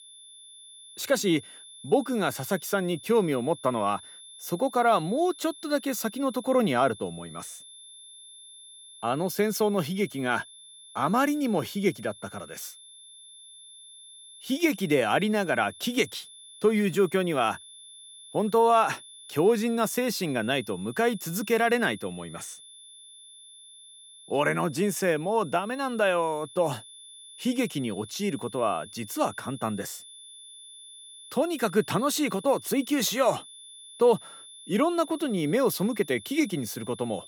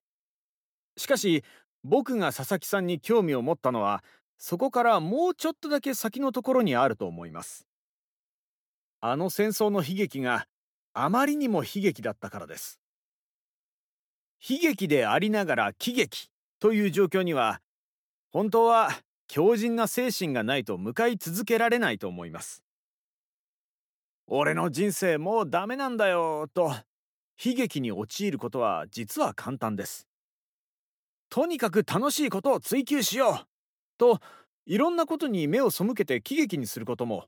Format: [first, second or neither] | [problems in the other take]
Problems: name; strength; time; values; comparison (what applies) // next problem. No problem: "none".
second | high-pitched whine; noticeable; throughout; 3.5 kHz, 20 dB below the speech